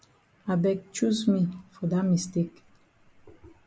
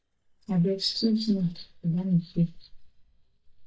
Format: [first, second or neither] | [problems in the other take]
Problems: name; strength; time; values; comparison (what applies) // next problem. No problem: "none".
first | noise reduction (neural mask model DeepFilterNet 3)